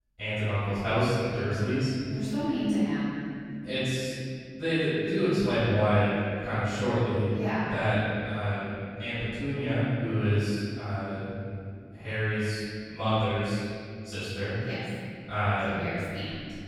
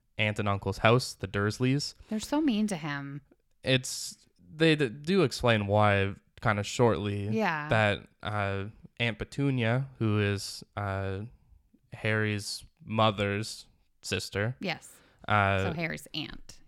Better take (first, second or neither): second